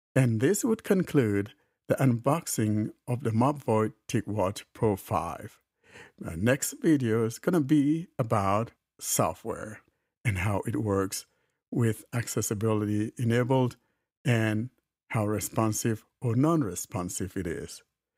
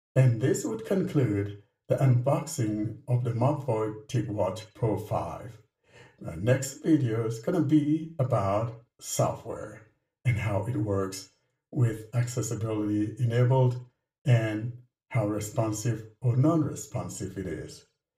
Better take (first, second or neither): first